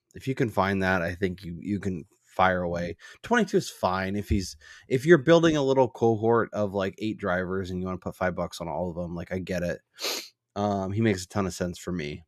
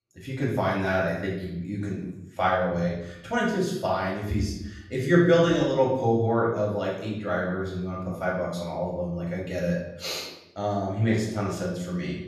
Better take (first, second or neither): first